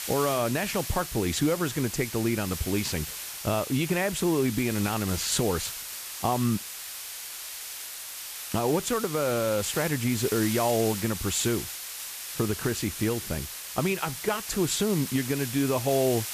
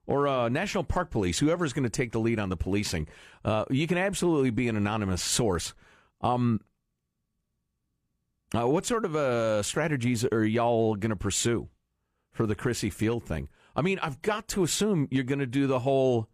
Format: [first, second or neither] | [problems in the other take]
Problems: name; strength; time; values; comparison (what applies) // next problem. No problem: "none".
second | hiss; loud; throughout; 7 dB below the speech